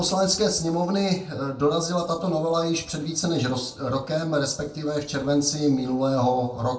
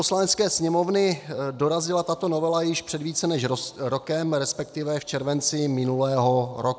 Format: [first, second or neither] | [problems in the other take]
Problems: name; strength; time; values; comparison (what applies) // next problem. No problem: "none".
second | room echo; dies away in 0.3 s